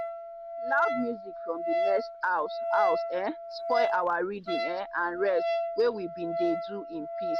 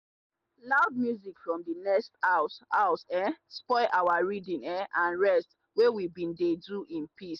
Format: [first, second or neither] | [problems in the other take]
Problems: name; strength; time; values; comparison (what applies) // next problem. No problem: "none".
second | background sound (Wind instrument, woodwind instrument); 1 dB below the speech